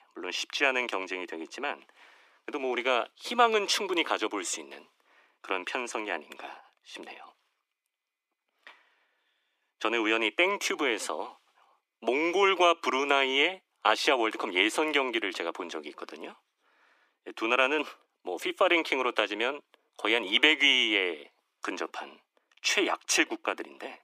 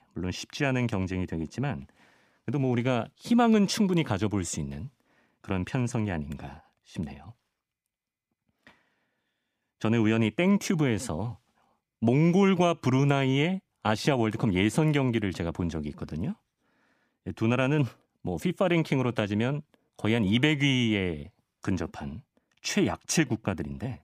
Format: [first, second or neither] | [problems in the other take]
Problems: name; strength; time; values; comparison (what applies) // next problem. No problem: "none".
second | thin; very; fading below 350 Hz